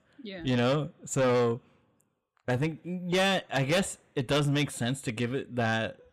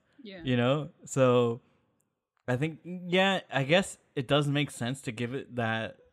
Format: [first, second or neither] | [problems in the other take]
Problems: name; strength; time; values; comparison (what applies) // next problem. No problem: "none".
second | distortion; heavy; 8 dB below the speech